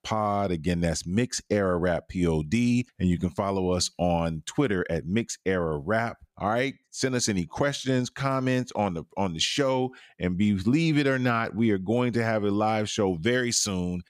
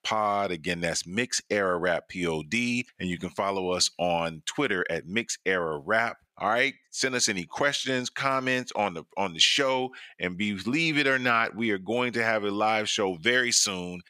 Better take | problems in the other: first | thin; somewhat; fading below 950 Hz

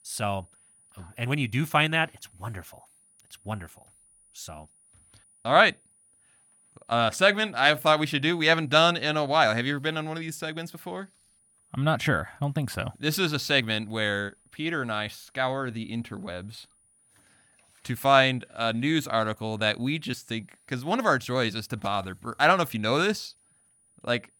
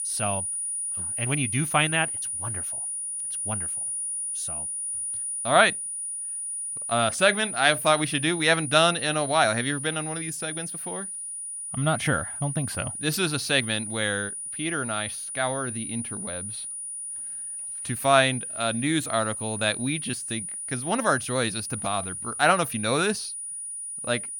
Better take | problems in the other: first | high-pitched whine; loud; throughout; 9.5 kHz, 5 dB below the speech; faint in the first

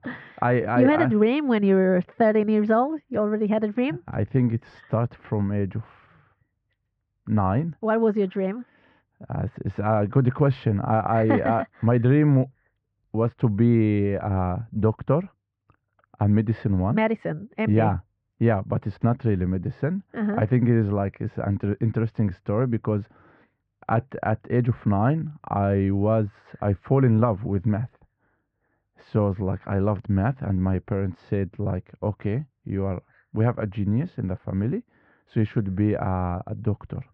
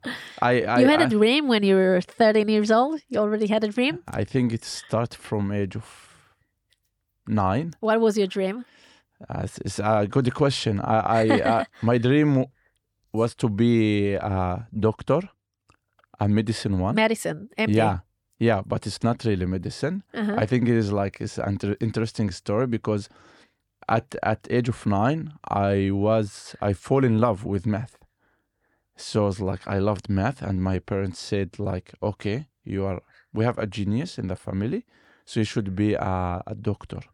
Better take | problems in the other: second | muffled; very; fading above 2 kHz

